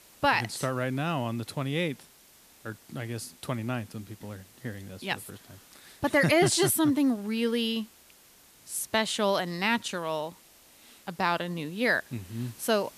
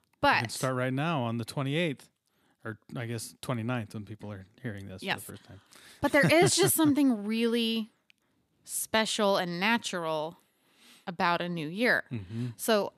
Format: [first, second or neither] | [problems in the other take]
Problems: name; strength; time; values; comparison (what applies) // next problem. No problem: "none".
second | hiss; faint; throughout; 25 dB below the speech